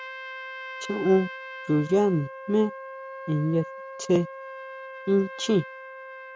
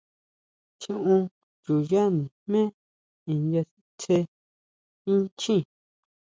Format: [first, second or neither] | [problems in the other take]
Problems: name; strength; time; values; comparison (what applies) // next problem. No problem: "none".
second | background sound (Trumpet); 12 dB below the speech